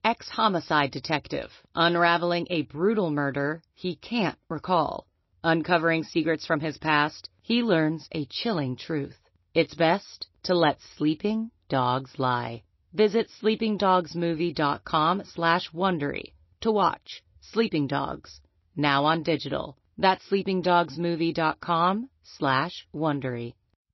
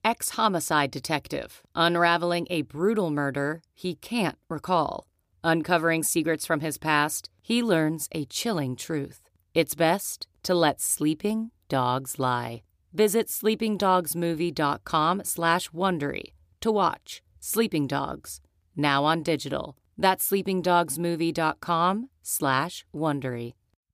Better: second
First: garbled, watery; slightly; nothing above 5.5 kHz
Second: none

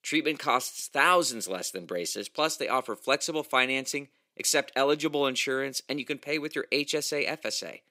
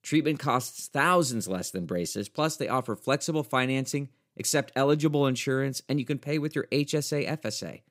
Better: second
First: thin; somewhat; fading below 400 Hz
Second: none

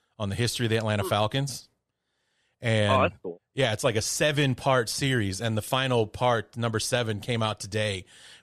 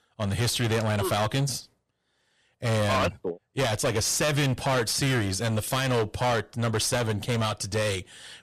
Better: first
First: none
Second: distortion; heavy; 17% of the sound clipped

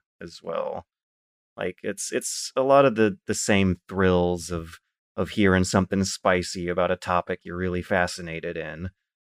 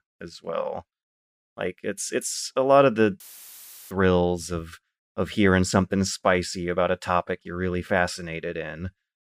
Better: first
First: none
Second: audio cutting out; filled with static; at 3 s for 0.5 s

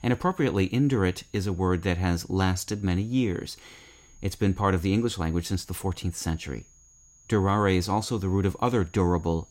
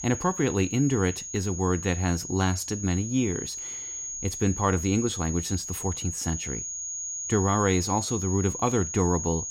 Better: first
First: high-pitched whine; faint; throughout; 6.5 kHz, 30 dB below the speech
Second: high-pitched whine; loud; throughout; 6.5 kHz, 6 dB below the speech

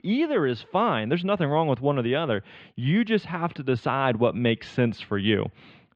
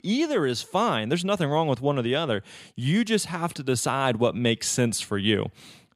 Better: second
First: muffled; very; fading above 3 kHz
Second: none

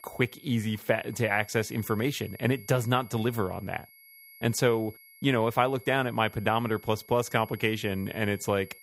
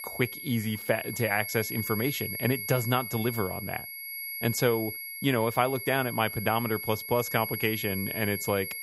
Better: first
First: high-pitched whine; faint; throughout; 2 kHz, 20 dB below the speech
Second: high-pitched whine; loud; throughout; 2 kHz, 5 dB below the speech

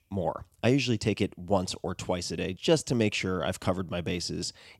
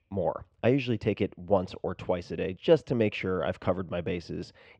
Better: first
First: none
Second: muffled; very; fading above 2 kHz

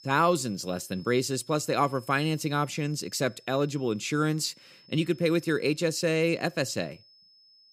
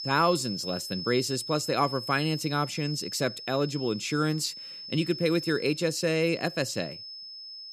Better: first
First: high-pitched whine; faint; throughout; 5 kHz, 25 dB below the speech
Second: high-pitched whine; loud; throughout; 5 kHz, 9 dB below the speech

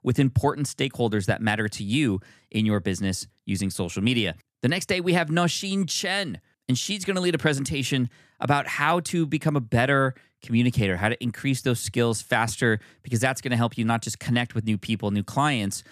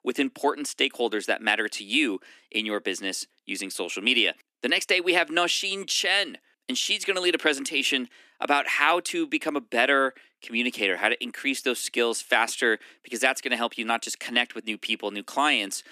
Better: first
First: none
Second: thin; somewhat; fading below 300 Hz

